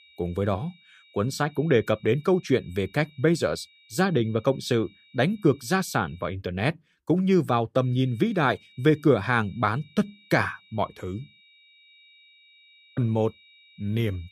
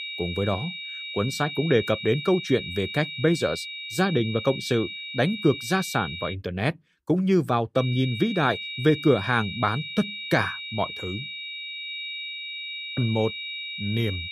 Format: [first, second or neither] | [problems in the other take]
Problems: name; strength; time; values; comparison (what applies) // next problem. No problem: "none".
first | high-pitched whine; loud; until 6.5 s and from 8 s on; 2.5 kHz, 7 dB below the speech; faint in the first